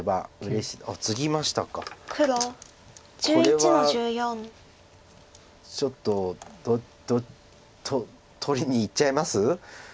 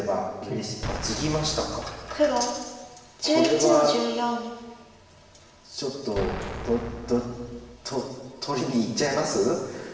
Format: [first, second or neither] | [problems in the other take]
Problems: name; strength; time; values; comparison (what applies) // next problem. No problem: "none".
first | background sound (Explosion); 11 dB below the speech // room echo; dies away in 1.2 s